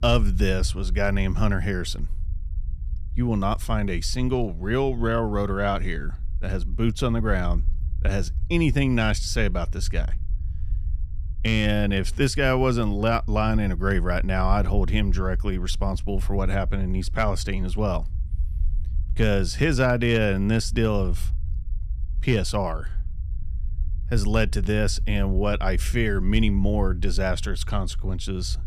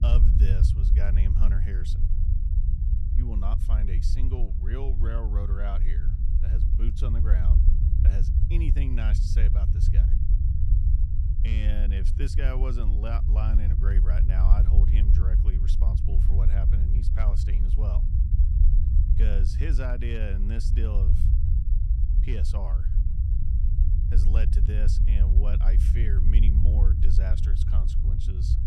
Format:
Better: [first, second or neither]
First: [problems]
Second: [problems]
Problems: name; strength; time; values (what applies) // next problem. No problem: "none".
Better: first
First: low rumble; faint; throughout; 25 dB below the speech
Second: low rumble; loud; throughout; 2 dB below the speech